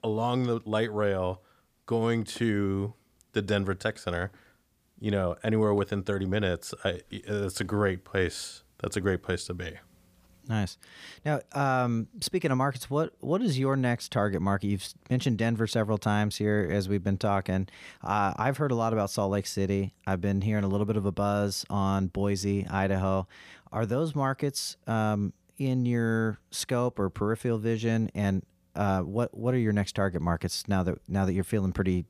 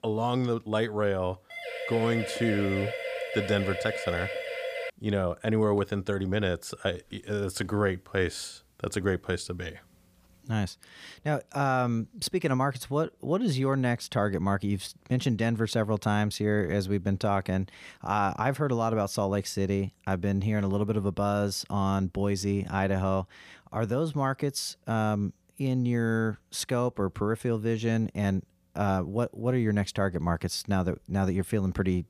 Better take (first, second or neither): first